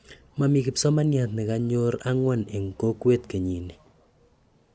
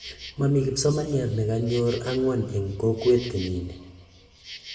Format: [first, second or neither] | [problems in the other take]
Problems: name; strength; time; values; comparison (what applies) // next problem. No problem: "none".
first | background sound (Insect); 19 dB below the speech // room echo; dies away in 1 s